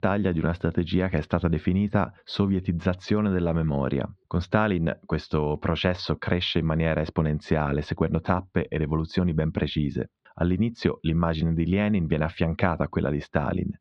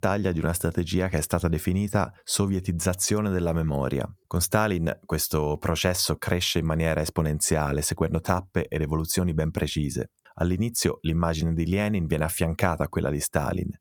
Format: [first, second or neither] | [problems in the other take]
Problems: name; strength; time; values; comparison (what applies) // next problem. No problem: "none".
second | muffled; slightly; fading above 4 kHz